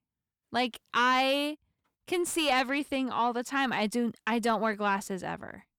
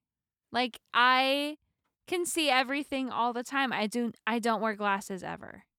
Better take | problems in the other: second | distortion; slight; 10 dB below the speech

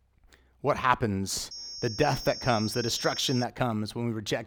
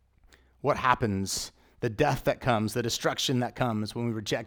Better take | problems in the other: second | high-pitched whine; loud; from 1.5 to 3.5 s; 5.5 kHz, 8 dB below the speech

